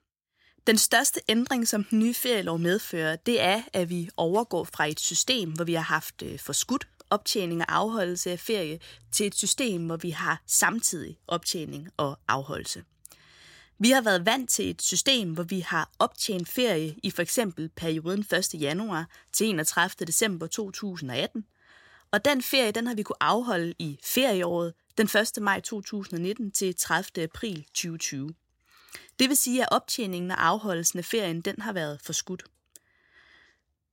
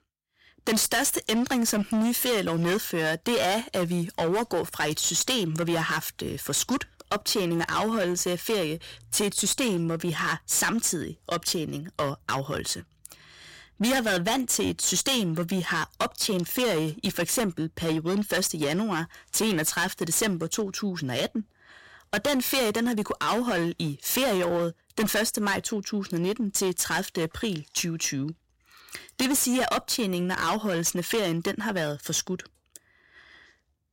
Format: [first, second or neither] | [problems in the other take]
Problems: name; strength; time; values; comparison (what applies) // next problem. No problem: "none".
first | distortion; heavy; 15% of the sound clipped